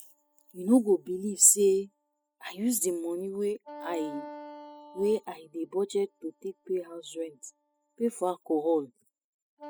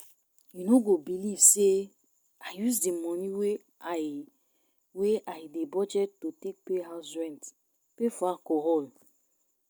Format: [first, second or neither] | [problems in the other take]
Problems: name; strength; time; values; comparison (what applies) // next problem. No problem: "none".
second | noise reduction (classical method spectral subtraction)